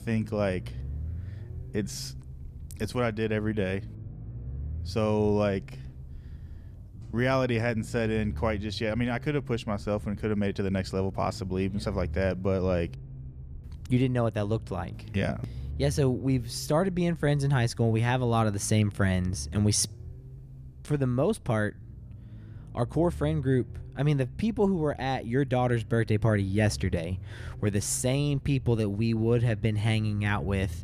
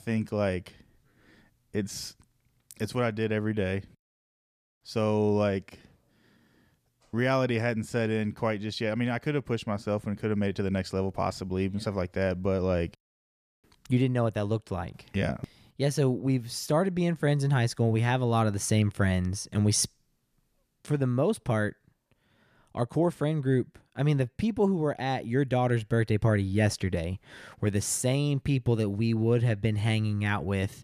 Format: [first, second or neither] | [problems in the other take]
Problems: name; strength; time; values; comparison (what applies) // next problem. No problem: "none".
second | low rumble; faint; throughout; 25 dB below the speech